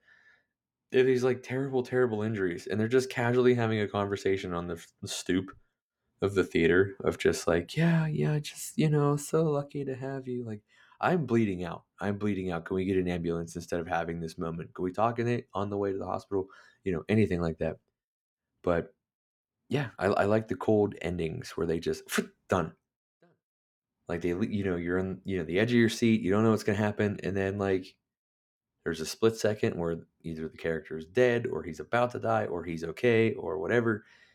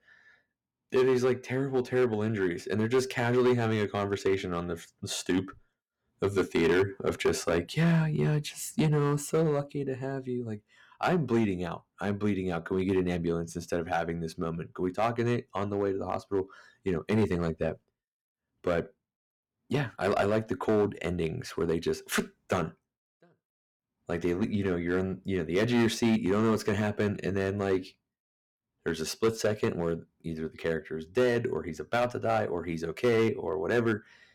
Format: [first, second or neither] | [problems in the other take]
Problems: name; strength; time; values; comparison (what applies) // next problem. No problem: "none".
first | distortion; slight; 4% of the sound clipped